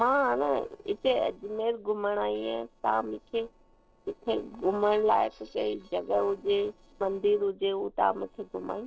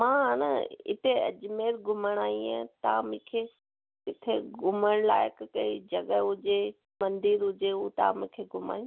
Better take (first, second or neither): second